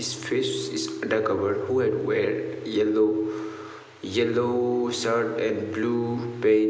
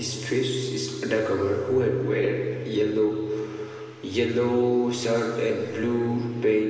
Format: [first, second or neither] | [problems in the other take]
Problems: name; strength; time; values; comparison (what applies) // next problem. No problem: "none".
first | room echo; dies away in 2.5 s